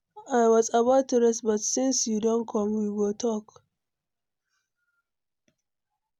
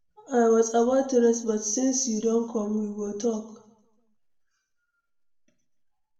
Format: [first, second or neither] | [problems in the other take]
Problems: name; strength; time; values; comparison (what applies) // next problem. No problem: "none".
first | room echo; dies away in 0.6 s